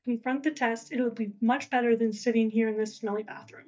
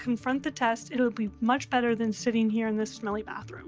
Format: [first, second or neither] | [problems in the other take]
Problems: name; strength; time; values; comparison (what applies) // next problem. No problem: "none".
second | noise reduction (neural mask model DeepFilterNet 3)